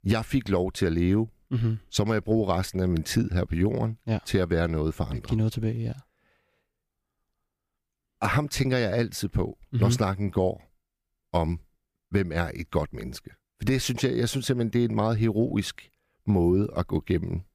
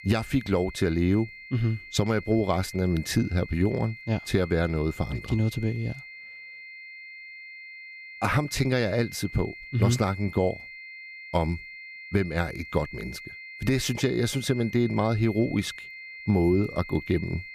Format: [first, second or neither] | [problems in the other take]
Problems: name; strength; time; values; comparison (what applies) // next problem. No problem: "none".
first | high-pitched whine; noticeable; throughout; 2 kHz, 15 dB below the speech